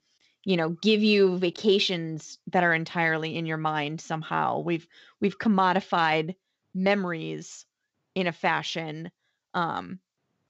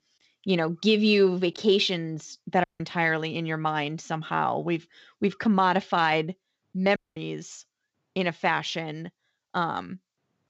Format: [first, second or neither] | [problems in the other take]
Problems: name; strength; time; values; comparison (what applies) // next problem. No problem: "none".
first | audio cutting out; at 2.5 s and at 7 s